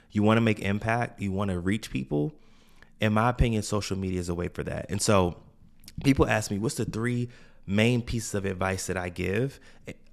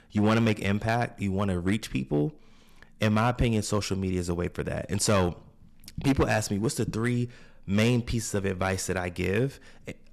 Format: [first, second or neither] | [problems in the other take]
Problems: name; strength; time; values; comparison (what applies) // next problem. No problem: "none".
first | distortion; slight; 3% of the sound clipped